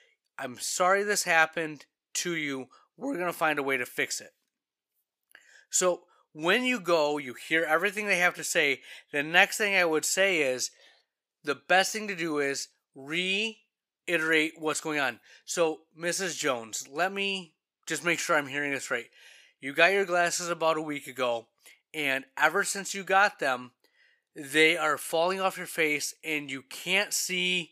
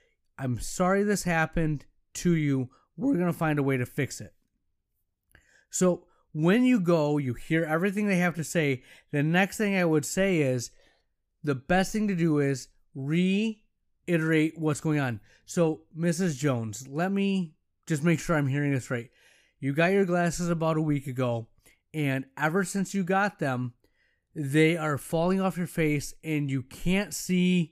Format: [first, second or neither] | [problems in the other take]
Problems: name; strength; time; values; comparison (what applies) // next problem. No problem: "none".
second | thin; very; fading below 550 Hz